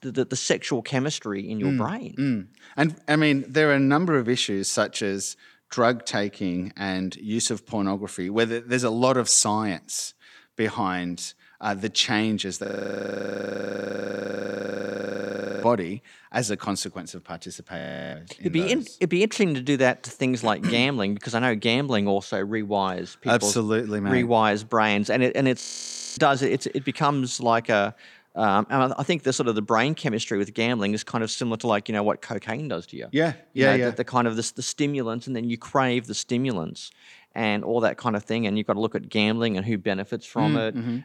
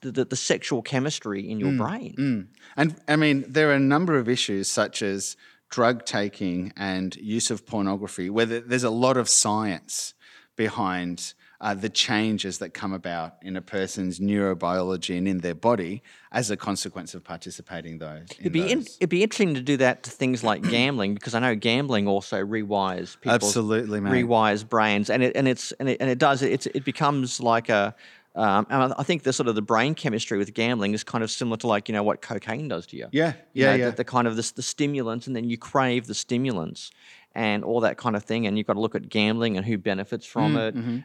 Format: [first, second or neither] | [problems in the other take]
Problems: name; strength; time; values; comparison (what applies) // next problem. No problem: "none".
second | audio freezing; at 13 s for 3 s, at 18 s and at 26 s for 0.5 s